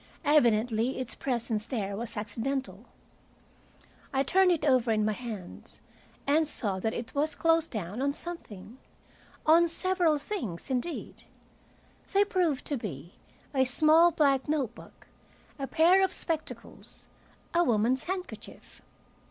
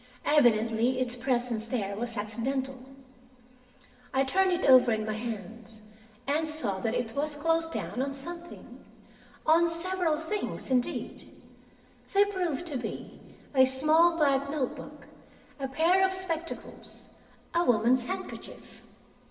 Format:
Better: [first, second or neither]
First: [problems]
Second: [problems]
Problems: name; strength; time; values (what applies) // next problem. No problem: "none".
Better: first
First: none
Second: room echo; dies away in 2.6 s